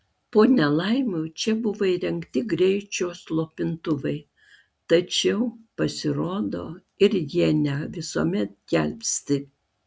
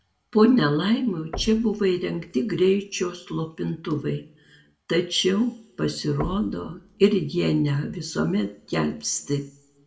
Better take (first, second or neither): first